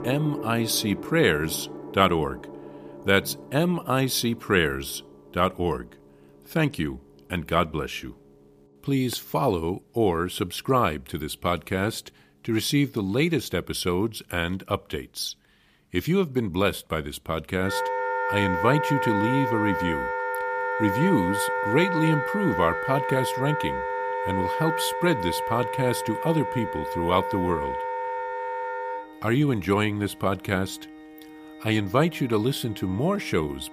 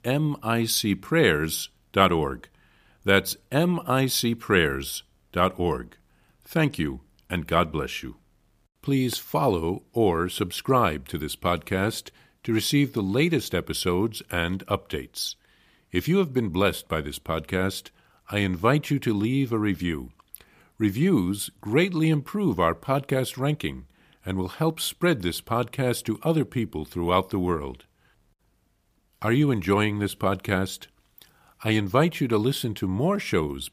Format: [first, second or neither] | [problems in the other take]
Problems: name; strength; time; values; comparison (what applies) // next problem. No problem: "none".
second | background music; loud; throughout; 3 dB below the speech